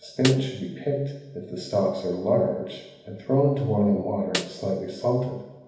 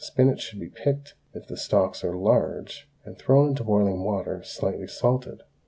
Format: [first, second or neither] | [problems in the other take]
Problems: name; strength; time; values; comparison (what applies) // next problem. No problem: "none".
second | background sound (Snare drum); 10 dB below the speech // room echo; dies away in 0.9 s